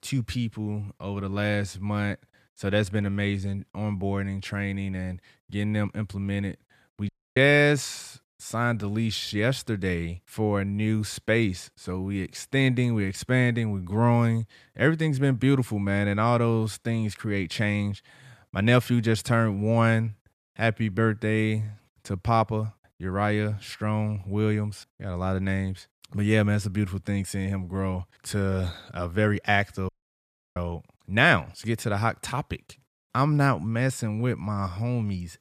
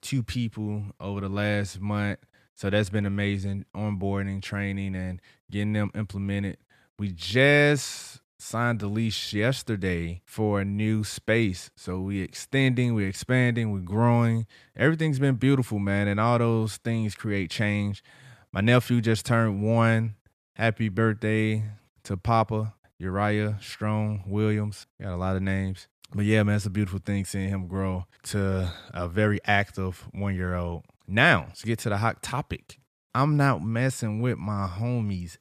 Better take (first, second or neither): second